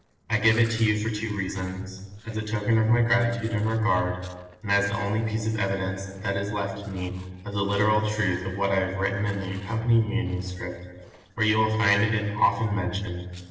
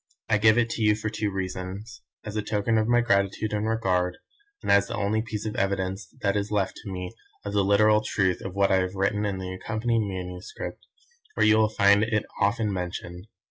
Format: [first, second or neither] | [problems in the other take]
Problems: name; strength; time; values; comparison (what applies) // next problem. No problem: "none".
second | noise reduction (neural separator model SepFormer DNS4)